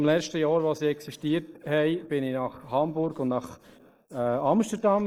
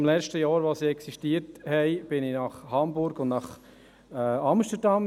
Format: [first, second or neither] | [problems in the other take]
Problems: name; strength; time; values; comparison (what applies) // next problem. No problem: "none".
second | noise reduction (neural mask model Resemble Enhance denoiser)